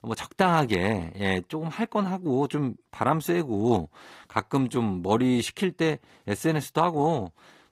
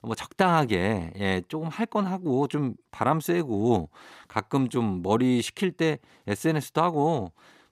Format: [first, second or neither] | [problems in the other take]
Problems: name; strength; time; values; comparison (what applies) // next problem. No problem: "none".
second | garbled, watery; slightly; nothing above 15.5 kHz